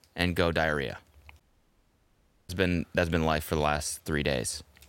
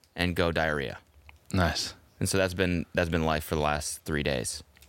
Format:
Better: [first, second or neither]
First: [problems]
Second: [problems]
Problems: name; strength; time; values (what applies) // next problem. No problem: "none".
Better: second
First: audio cutting out; at 1.5 s for 1 s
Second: none